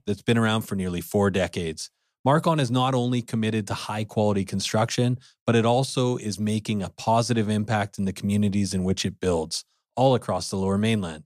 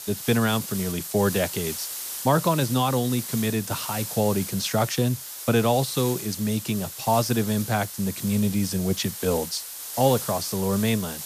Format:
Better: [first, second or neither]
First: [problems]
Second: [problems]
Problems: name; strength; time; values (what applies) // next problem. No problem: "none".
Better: first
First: none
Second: hiss; loud; throughout; 7 dB below the speech